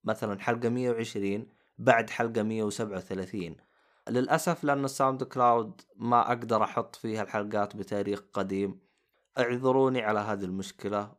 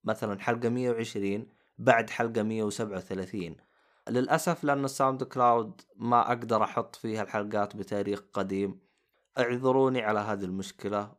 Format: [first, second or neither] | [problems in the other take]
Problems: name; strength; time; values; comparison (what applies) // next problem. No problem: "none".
neither | none